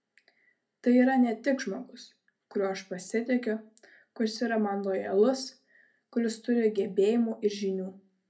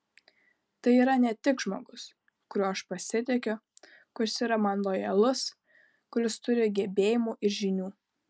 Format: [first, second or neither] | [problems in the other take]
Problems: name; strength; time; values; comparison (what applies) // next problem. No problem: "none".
second | room echo; dies away in 0.3 s